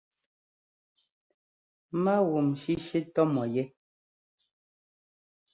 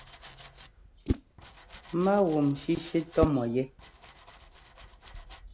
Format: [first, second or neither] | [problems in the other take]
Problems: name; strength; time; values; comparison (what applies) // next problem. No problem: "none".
first | background sound (Domestic sounds, home sounds + Whoosh, swoosh, swish); 9 dB below the speech